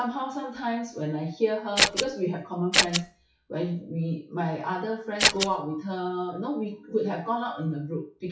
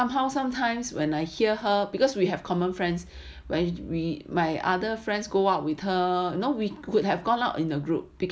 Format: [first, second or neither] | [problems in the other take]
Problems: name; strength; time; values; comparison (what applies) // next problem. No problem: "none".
second | noise reduction (classical method WPE with log-MMSE)